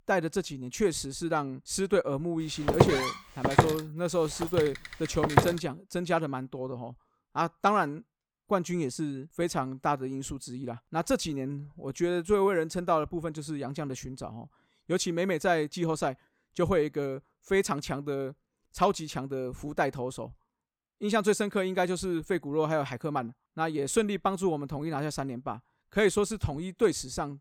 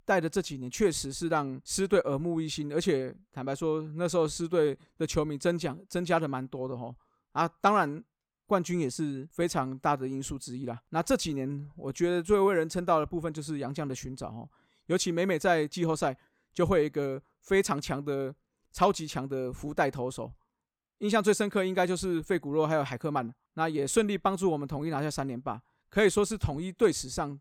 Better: second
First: footsteps; loud; from 2.5 to 5.5 s; peak 6 dB above the speech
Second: none

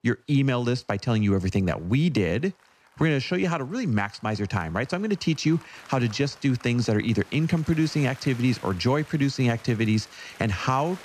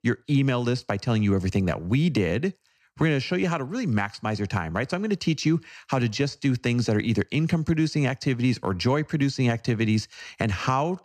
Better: second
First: crowd noise; faint; throughout; 25 dB below the speech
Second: none

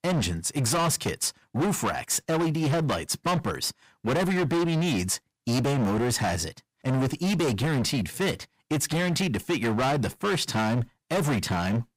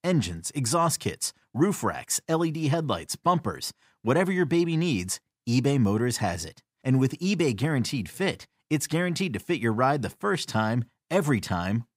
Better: second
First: distortion; heavy; 25% of the sound clipped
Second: none

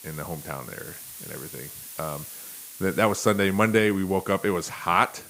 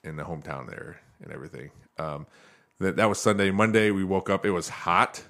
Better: second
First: hiss; noticeable; throughout; 15 dB below the speech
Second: none

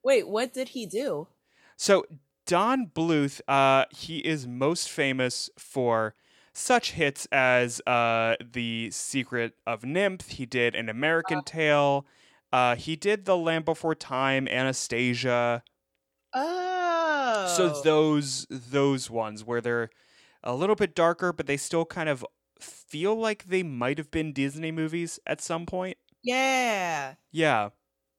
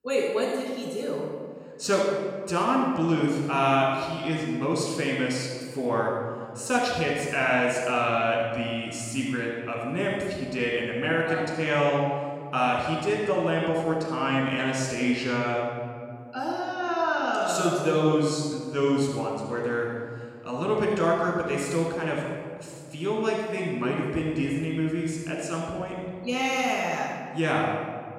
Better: first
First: none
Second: off-mic speech; far // room echo; noticeable; dies away in 1.8 s

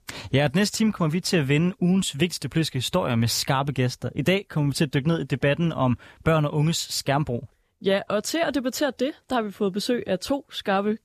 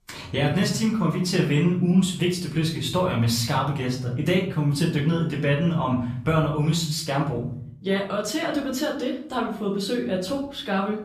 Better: first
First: none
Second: off-mic speech; far // room echo; slight; dies away in 0.6 s

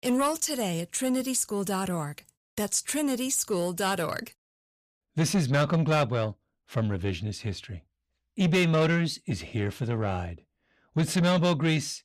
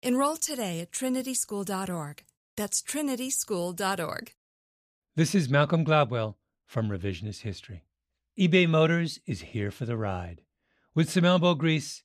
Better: second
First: distortion; slight; 10 dB below the speech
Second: none

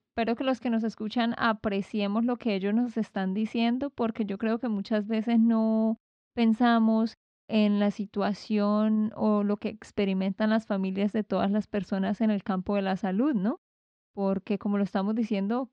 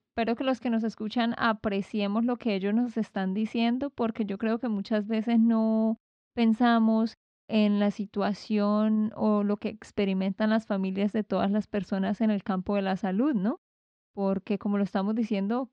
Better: neither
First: muffled; slightly; fading above 3.5 kHz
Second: muffled; slightly; fading above 3.5 kHz

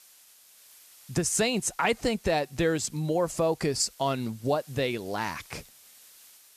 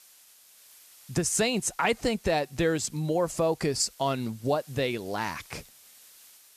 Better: neither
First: hiss; faint; throughout; 25 dB below the speech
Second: hiss; faint; throughout; 25 dB below the speech

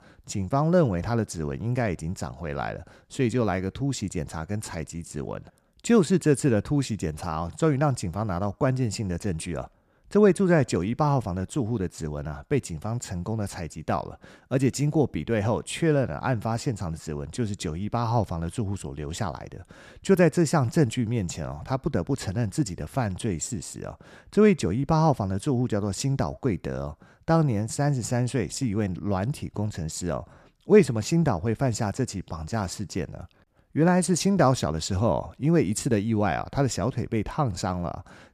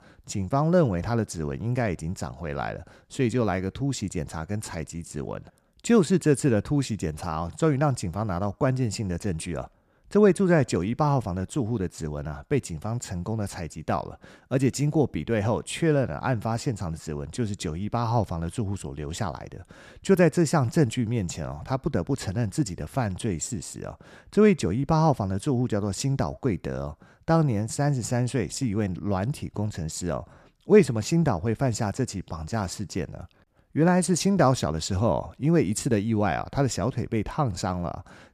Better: neither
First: none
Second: none

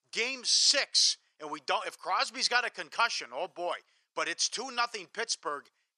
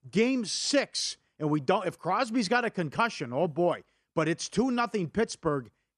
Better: second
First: thin; very; fading below 850 Hz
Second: none

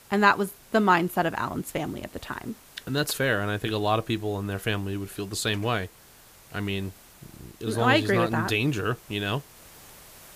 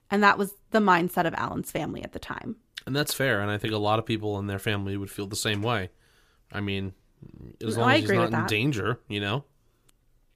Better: second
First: hiss; faint; throughout; 25 dB below the speech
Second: none

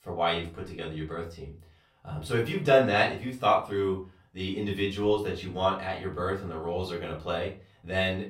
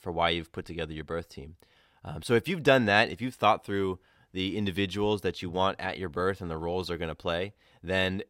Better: second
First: room echo; slight; dies away in 0.3 s // off-mic speech; far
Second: none

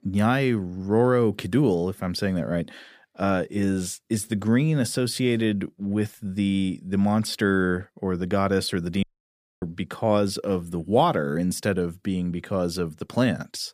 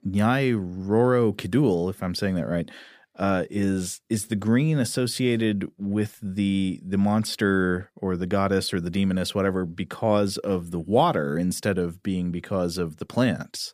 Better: second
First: audio cutting out; at 9 s for 0.5 s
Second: none

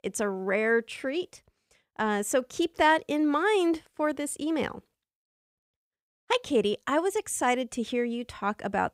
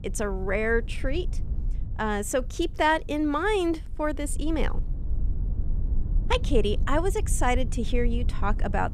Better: first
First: none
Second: low rumble; faint; throughout; 20 dB below the speech

